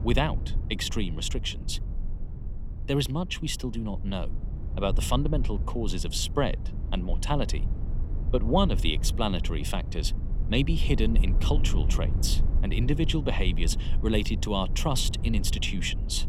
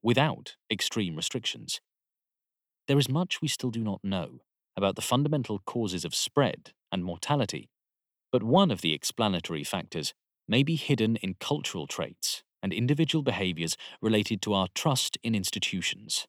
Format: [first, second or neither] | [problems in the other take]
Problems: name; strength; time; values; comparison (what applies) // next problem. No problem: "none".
second | low rumble; noticeable; throughout; 15 dB below the speech